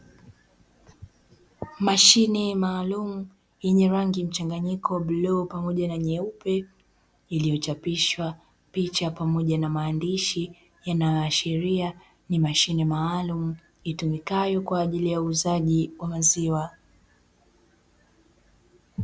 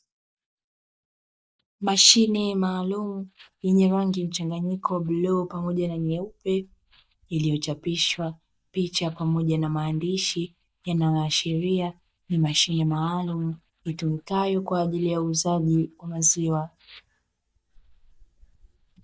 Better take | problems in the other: first | noise reduction (neural mask model DeepFilterNet 3)

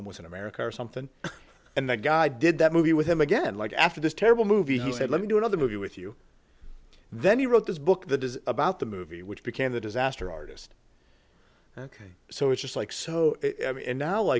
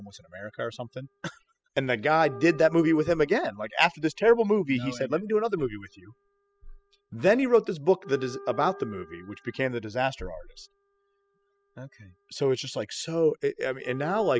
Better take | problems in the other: first | noise reduction (classical method spectral subtraction)

